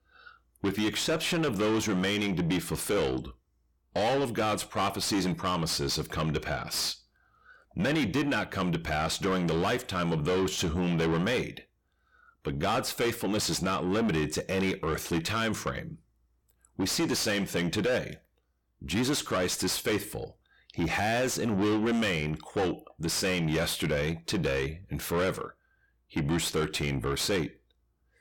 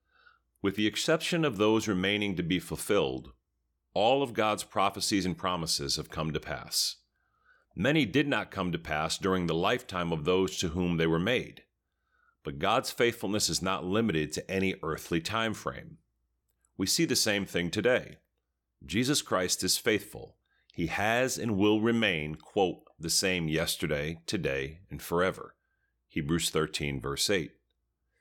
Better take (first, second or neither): second